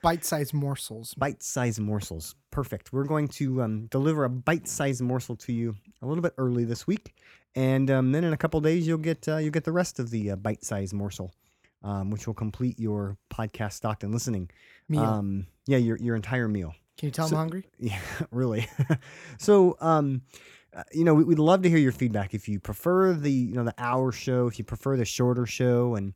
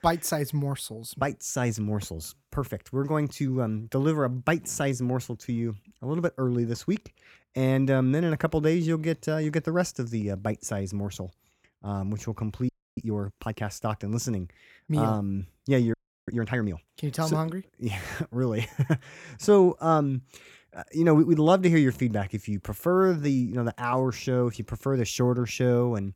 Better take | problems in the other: first | audio freezing; at 13 s and at 16 s

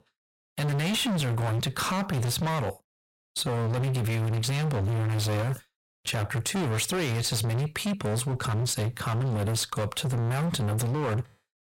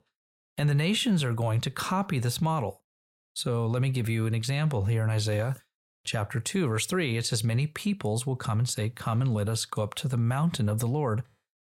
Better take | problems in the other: second | distortion; heavy; 40% of the sound clipped

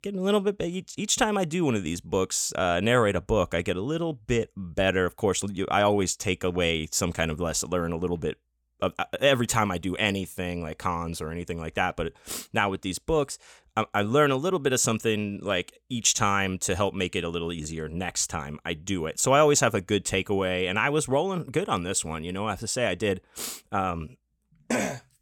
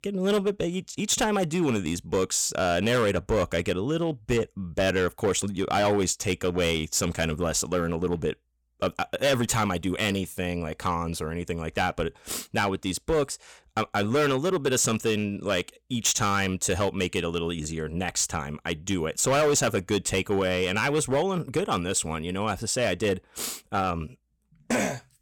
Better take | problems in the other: first | distortion; slight; 7% of the sound clipped

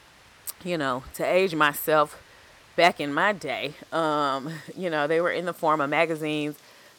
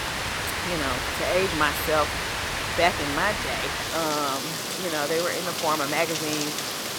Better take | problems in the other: first | rain or running water; loud; throughout; as loud as the speech; faint in the first

